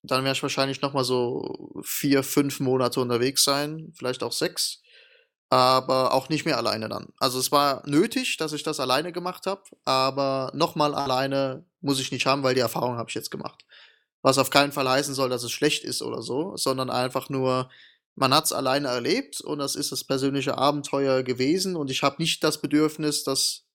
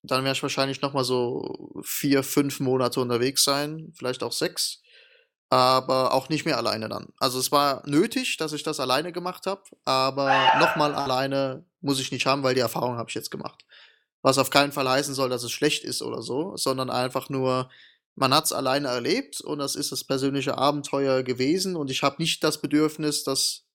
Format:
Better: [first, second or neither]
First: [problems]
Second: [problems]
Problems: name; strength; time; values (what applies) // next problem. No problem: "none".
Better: first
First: none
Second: alarm; loud; at 10 s; peak 6 dB above the speech